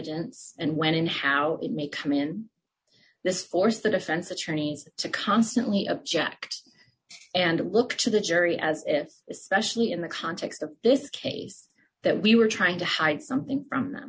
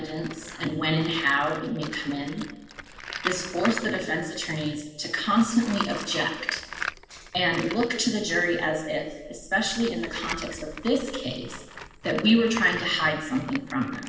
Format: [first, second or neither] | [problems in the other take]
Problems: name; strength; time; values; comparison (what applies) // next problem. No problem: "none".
first | background sound (Tools); 12 dB below the speech // room echo; dies away in 1.1 s